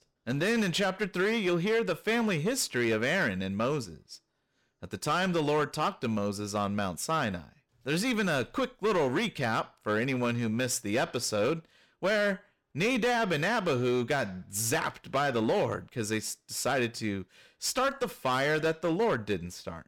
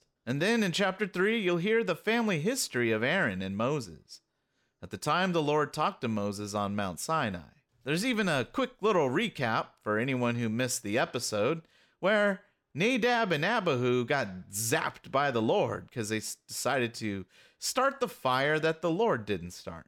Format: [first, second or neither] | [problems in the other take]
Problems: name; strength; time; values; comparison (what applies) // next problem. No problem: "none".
second | distortion; slight; 9% of the sound clipped